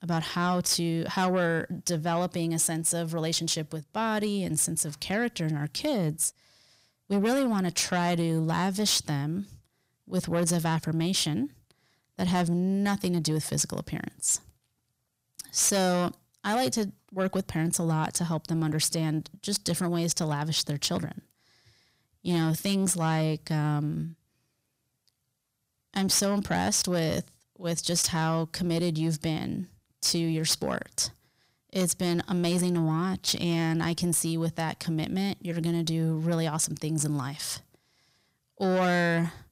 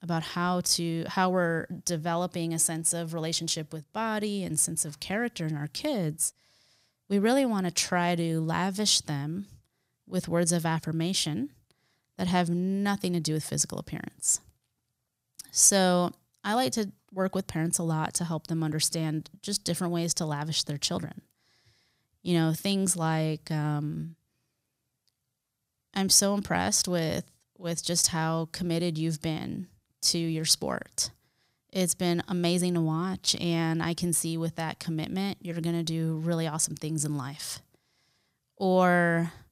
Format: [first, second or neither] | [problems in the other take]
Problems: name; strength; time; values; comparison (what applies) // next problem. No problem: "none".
second | distortion; slight; 10 dB below the speech